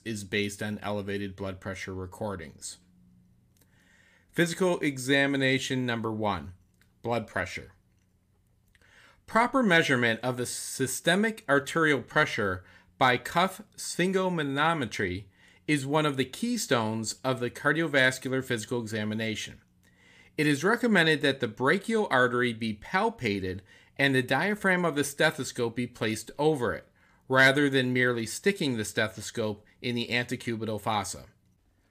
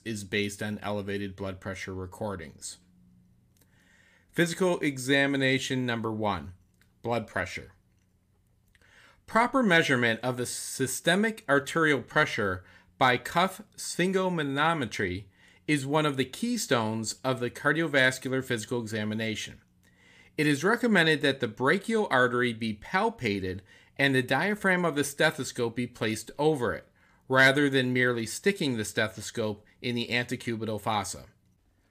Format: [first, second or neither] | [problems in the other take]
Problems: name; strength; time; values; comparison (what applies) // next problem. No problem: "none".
neither | none